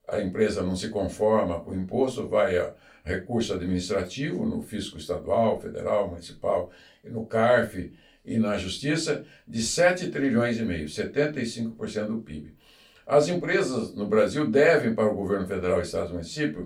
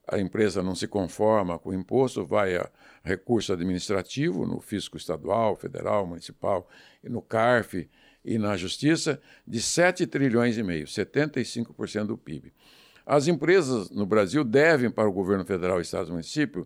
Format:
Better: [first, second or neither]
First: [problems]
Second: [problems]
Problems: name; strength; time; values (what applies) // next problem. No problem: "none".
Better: second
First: off-mic speech; far // room echo; very slight; dies away in 0.2 s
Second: none